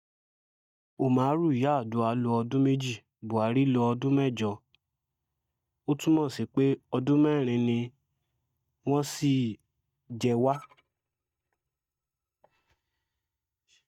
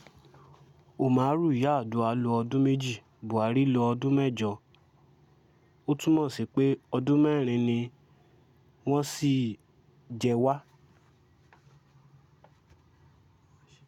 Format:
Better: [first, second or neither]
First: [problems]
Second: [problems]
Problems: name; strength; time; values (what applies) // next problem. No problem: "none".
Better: second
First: noise reduction (neural mask model DeepFilterNet 3)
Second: none